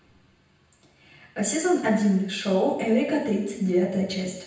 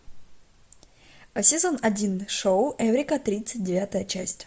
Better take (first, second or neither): second